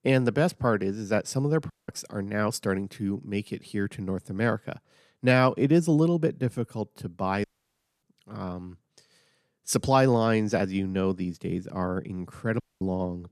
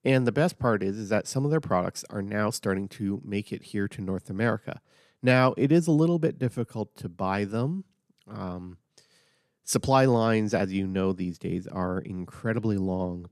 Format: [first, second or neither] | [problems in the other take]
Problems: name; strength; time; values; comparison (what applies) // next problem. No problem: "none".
second | audio cutting out; at 1.5 s, at 7.5 s for 0.5 s and at 13 s